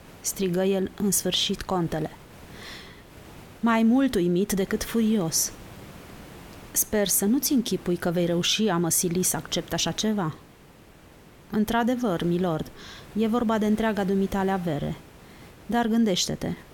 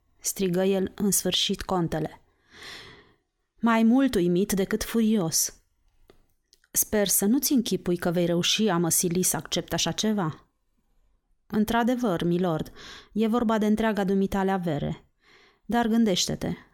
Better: second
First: hiss; faint; throughout; 20 dB below the speech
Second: none

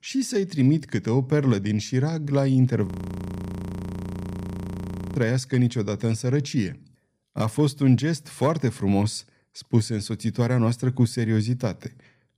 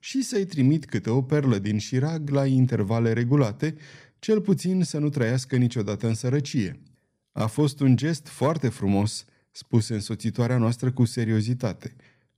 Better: second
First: audio freezing; at 3 s for 2.5 s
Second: none

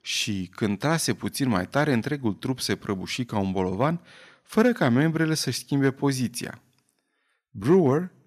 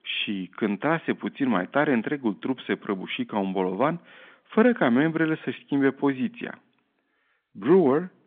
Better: first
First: none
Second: phone-call audio; nothing above 3.5 kHz

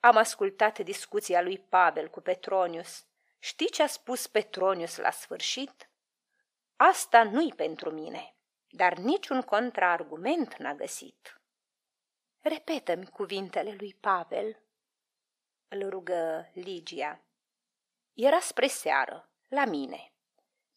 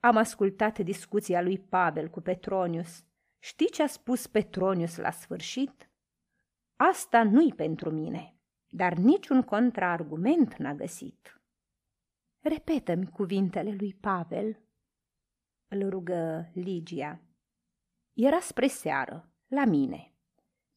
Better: second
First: thin; somewhat; fading below 550 Hz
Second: none

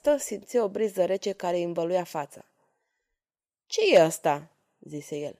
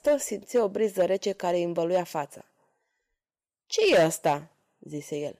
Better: first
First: none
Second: distortion; slight; 2% of the sound clipped

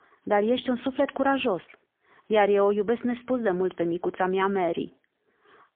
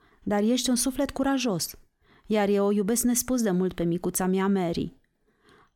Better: second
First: phone-call audio; poor line; nothing above 3.5 kHz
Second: none

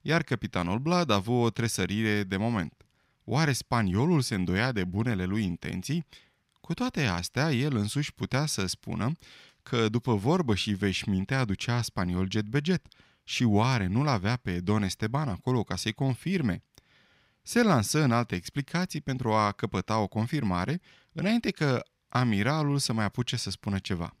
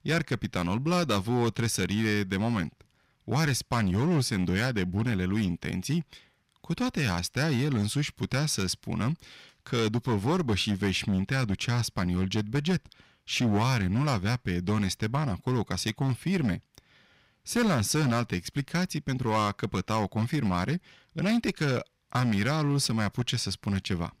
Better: first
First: none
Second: distortion; slight; 8% of the sound clipped

